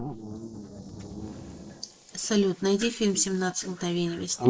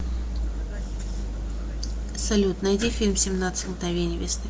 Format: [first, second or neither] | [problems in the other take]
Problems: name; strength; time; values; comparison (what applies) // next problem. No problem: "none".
second | noise reduction (neural mask model Resemble Enhance denoiser)